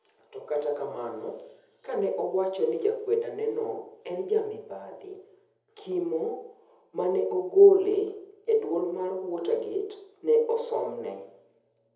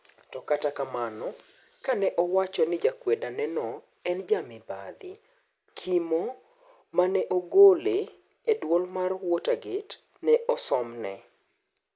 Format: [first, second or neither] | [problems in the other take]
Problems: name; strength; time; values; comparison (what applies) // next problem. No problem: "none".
second | room echo; dies away in 0.7 s